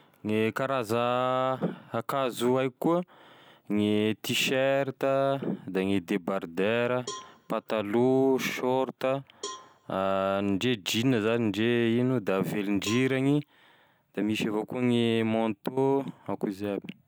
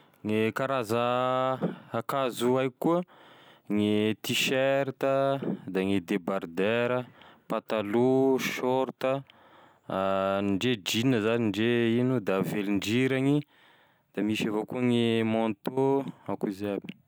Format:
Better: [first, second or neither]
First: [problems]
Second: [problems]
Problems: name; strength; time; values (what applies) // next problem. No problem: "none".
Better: second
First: background sound (Cowbell); 20 dB below the speech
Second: none